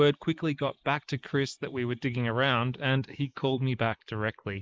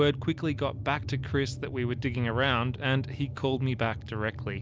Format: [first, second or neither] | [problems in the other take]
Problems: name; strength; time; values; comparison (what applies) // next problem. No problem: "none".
second | noise reduction (neural mask model Resemble Enhance denoiser)